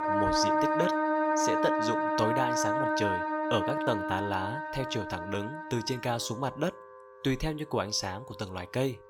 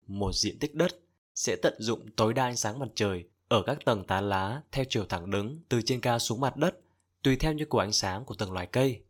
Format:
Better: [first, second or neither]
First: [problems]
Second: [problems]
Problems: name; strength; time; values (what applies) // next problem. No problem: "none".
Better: second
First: background music; very loud; throughout; 3 dB above the speech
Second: none